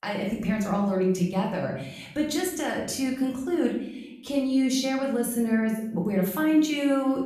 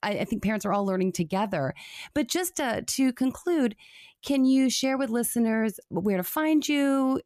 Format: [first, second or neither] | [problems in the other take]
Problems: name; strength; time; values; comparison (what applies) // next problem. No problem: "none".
second | room echo; noticeable; dies away in 0.7 s // off-mic speech; far